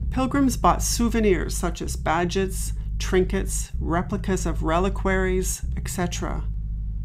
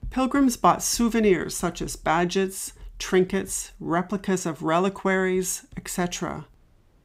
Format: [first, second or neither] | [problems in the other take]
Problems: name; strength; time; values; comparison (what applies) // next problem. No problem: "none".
second | low rumble; faint; throughout; 20 dB below the speech